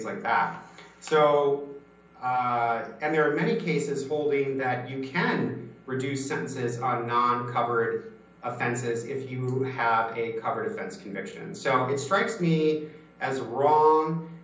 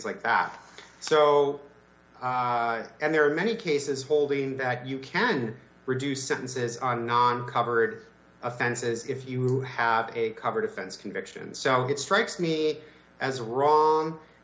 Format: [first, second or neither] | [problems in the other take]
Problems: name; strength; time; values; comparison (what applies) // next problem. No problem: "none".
second | room echo; dies away in 0.6 s